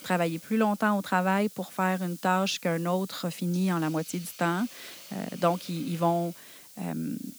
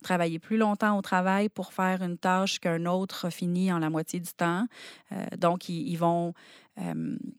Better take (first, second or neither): second